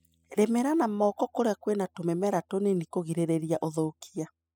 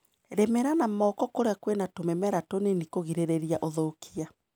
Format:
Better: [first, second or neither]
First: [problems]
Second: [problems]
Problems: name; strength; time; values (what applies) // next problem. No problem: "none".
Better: second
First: noise reduction (classical method spectral subtraction)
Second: none